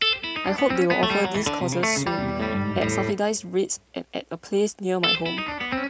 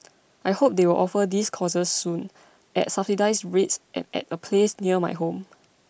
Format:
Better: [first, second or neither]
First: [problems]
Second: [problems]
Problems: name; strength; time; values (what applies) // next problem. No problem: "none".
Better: second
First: background sound (Guitar); 1 dB below the speech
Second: none